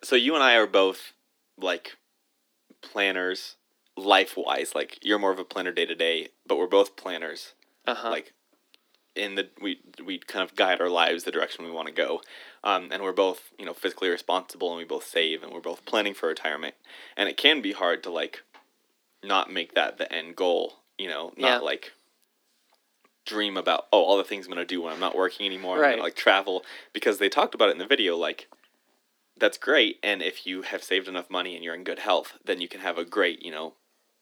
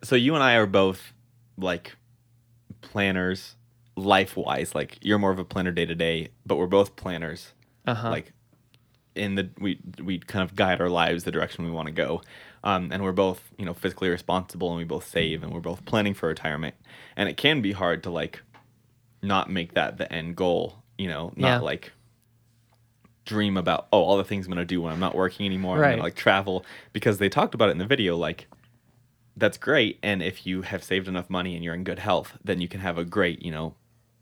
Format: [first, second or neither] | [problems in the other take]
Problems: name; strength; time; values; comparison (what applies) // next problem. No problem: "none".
second | thin; somewhat; fading below 300 Hz